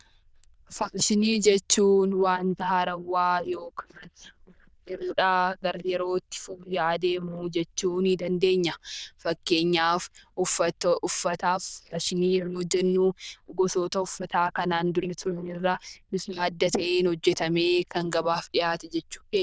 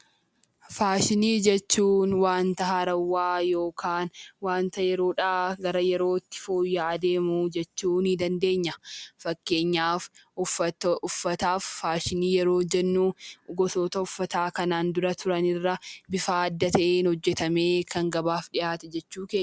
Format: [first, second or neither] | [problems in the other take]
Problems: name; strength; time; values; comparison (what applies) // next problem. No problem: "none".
second | noise reduction (neural diffusion model UNIVERSE++)